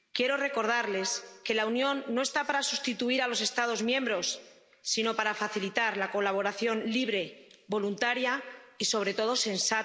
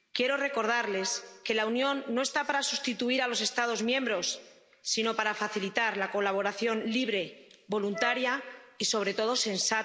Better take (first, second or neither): first